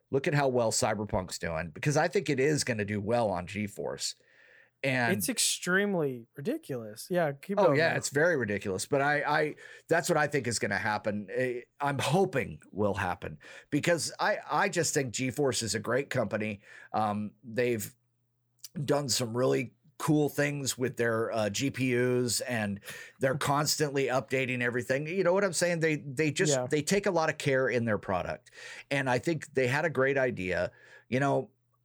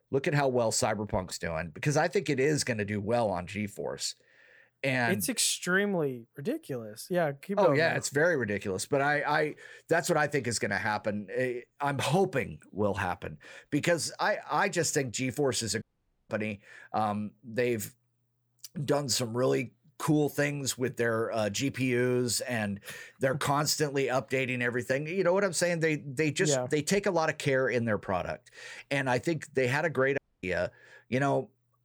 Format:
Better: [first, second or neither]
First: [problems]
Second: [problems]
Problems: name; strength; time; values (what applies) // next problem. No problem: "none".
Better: first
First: none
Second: audio cutting out; at 16 s and at 30 s